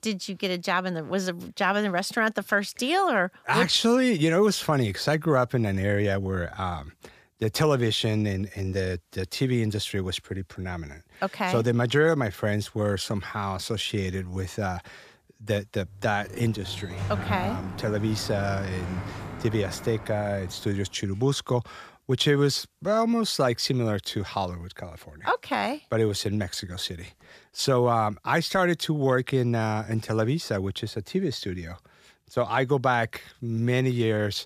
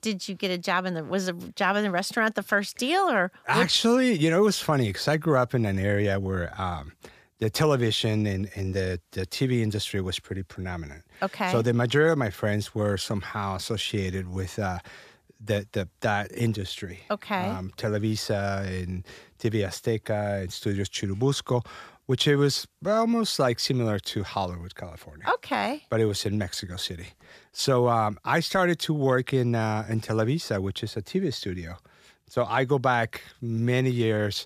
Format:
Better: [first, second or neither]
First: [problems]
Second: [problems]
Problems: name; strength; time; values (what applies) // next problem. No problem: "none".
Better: second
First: door banging; noticeable; from 16 to 20 s; peak 4 dB below the speech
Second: none